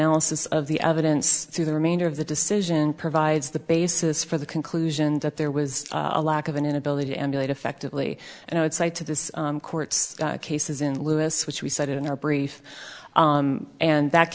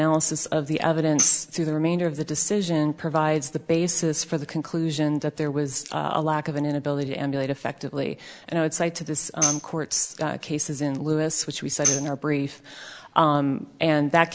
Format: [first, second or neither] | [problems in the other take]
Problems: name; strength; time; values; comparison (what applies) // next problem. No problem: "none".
first | background sound (Tambourine); 6 dB below the speech